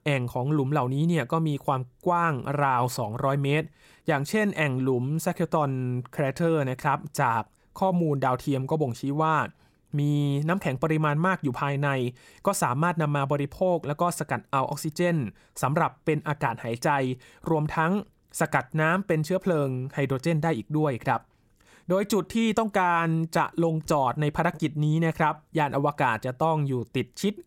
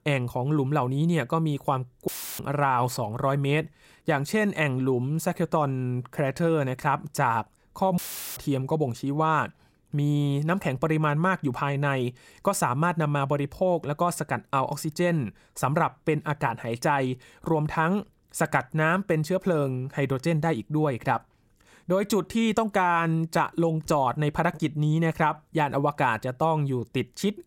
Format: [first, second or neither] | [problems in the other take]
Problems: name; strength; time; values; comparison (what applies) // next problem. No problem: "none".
first | audio cutting out; filled with static; at 2 s and at 8 s